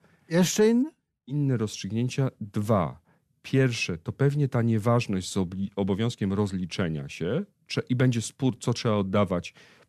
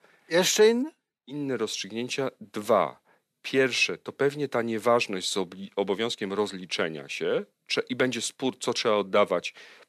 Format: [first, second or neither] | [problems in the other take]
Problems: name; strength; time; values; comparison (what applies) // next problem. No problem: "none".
first | thin; somewhat; fading below 450 Hz